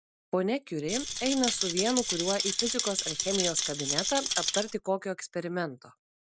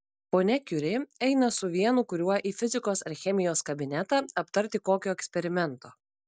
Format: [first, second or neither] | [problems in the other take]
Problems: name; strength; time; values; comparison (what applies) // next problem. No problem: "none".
second | background sound (Rattle); as loud as the speech